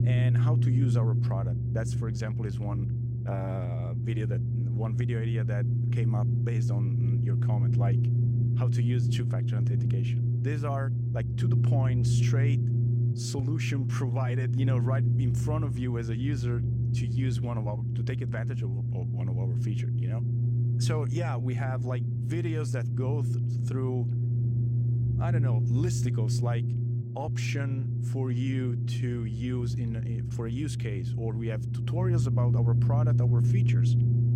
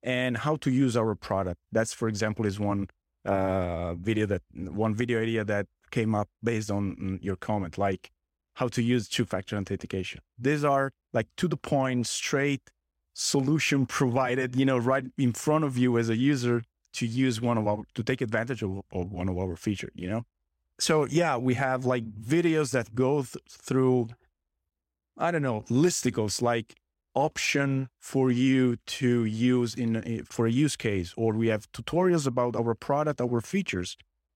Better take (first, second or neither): second